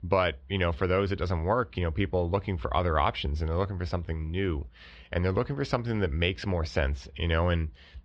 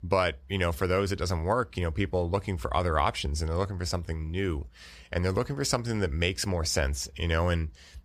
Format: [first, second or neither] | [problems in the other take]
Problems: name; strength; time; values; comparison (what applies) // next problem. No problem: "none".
second | muffled; slightly; fading above 3.5 kHz